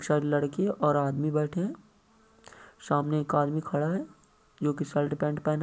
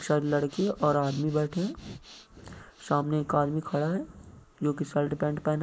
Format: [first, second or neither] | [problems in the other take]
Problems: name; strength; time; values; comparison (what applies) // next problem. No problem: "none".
first | noise reduction (neural mask model Resemble Enhance denoiser)